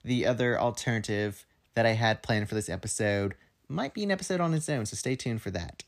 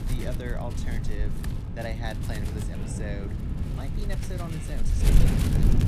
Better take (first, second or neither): first